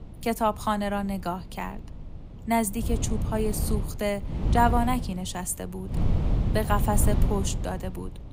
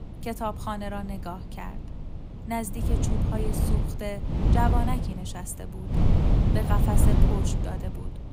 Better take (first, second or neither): first